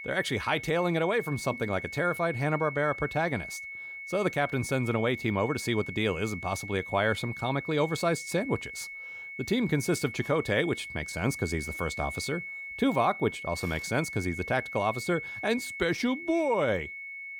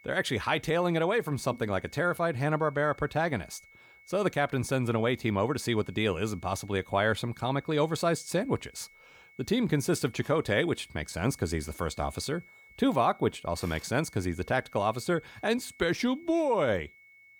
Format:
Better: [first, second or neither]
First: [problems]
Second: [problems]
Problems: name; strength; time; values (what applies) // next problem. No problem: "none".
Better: second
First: high-pitched whine; loud; throughout; 2 kHz, 9 dB below the speech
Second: high-pitched whine; faint; throughout; 2 kHz, 25 dB below the speech